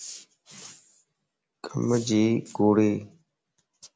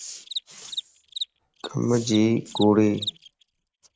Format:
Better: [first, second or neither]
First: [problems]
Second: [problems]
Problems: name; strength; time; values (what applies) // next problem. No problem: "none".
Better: first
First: none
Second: noise reduction (neural mask model RNNoise)